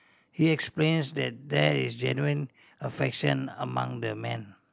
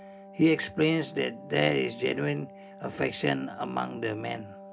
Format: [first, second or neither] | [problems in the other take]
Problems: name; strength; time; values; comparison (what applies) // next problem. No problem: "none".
first | background sound (Wind instrument, woodwind instrument); 17 dB below the speech // room echo; dies away in 0.3 s